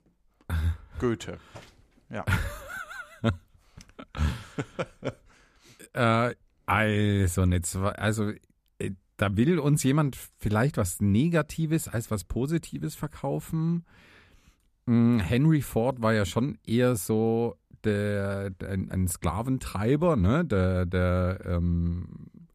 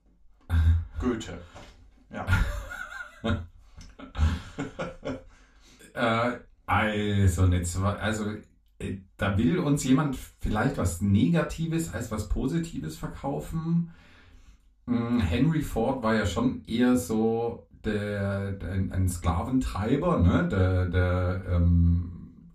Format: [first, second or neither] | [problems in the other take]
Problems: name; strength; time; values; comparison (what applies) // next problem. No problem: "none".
first | room echo; very slight; dies away in 0.2 s // off-mic speech; far